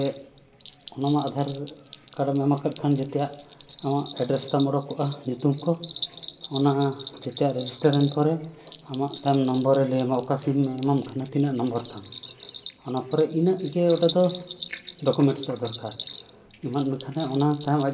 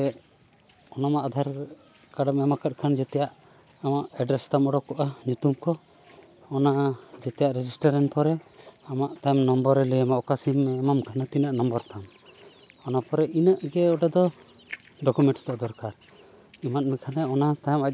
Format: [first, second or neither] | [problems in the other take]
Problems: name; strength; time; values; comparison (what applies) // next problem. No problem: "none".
second | background sound (Bell); 17 dB below the speech // room echo; dies away in 1 s